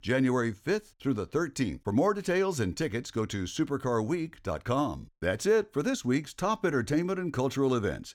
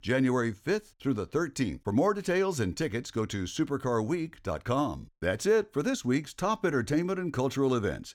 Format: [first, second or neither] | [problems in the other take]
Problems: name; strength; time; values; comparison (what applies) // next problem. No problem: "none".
neither | none